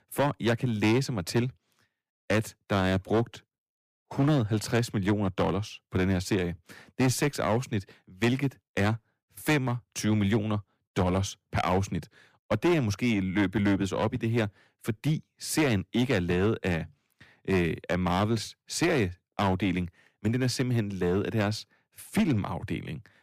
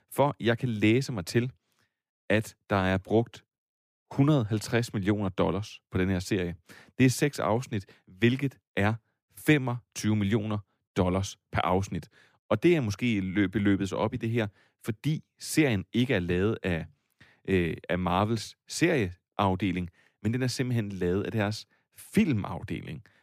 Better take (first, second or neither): second